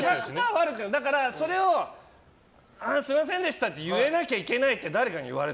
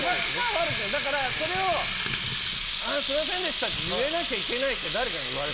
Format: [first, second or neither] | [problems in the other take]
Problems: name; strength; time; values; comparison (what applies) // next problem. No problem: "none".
first | background sound (Water tap, faucet); as loud as the speech